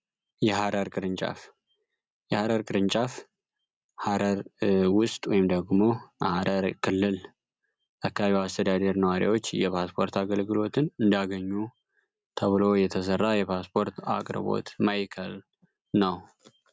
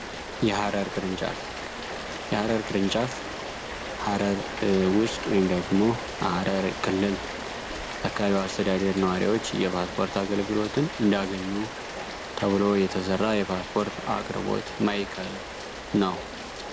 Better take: first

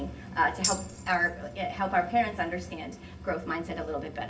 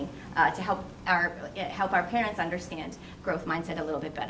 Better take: second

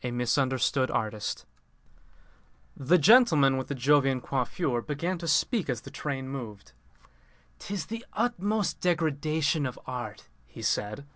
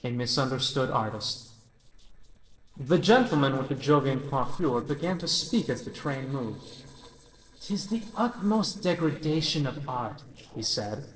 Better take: first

